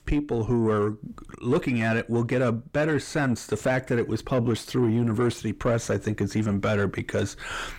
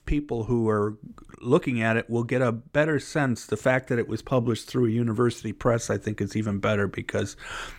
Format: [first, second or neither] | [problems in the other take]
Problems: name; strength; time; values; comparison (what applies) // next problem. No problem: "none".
second | distortion; slight; 10 dB below the speech